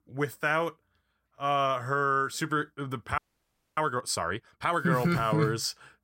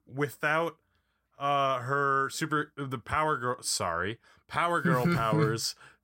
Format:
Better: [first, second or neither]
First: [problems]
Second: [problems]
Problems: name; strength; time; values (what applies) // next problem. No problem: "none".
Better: second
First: audio freezing; at 3 s for 0.5 s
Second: none